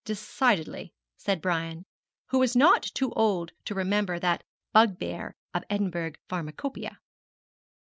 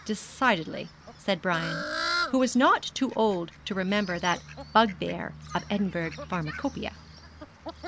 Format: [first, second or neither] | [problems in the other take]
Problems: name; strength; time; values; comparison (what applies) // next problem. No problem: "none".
first | background sound (Fowl); 10 dB below the speech